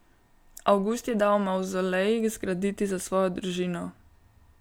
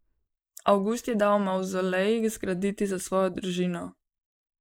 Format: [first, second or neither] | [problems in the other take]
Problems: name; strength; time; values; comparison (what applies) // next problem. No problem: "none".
first | noise reduction (neural mask model Resemble Enhance denoiser)